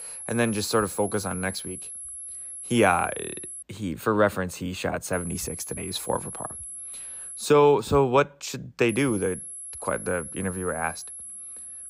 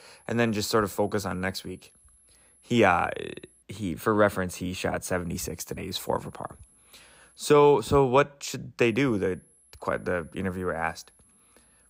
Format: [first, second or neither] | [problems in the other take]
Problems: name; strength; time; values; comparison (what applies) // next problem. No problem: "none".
second | high-pitched whine; loud; until 3.5 s, from 5 to 7.5 s and from 9 s on; 11 kHz, 10 dB below the speech; faint in the second